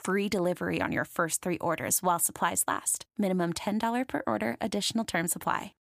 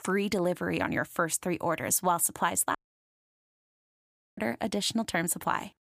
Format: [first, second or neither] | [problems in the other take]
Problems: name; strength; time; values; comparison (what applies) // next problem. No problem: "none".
first | audio cutting out; at 3 s for 1.5 s